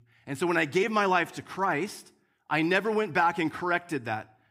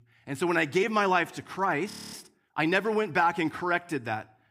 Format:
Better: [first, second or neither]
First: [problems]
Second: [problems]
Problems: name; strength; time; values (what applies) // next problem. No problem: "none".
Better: first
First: none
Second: audio freezing; at 2 s